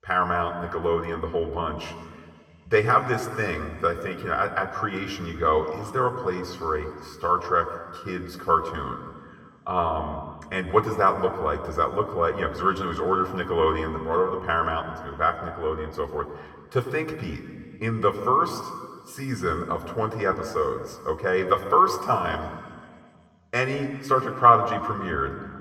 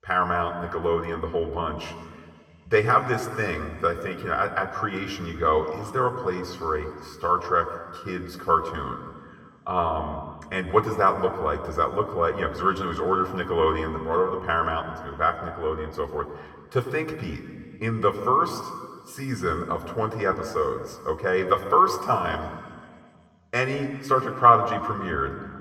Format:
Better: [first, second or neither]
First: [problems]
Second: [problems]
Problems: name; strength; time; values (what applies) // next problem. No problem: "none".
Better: neither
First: room echo; slight; dies away in 1.8 s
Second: room echo; slight; dies away in 1.8 s